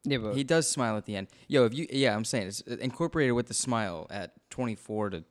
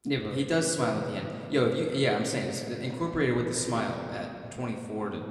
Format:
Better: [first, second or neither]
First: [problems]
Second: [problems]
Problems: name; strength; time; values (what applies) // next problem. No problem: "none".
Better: first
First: none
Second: room echo; slight; dies away in 2.3 s // off-mic speech; somewhat distant